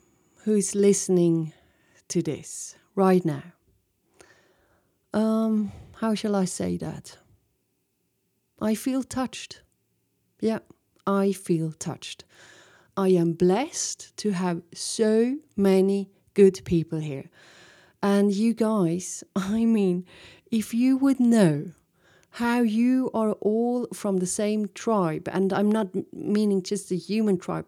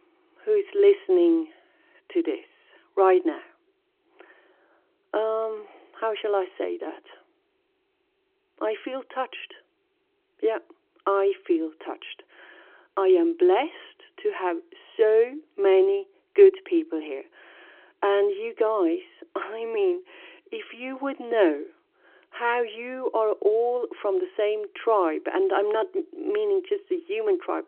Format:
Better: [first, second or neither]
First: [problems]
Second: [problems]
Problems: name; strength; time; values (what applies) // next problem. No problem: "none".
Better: first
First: none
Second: phone-call audio